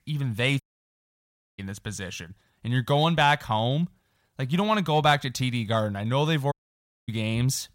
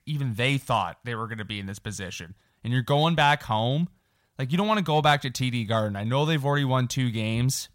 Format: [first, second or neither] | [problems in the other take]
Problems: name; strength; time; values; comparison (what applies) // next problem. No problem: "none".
second | audio cutting out; at 0.5 s for 1 s and at 6.5 s for 0.5 s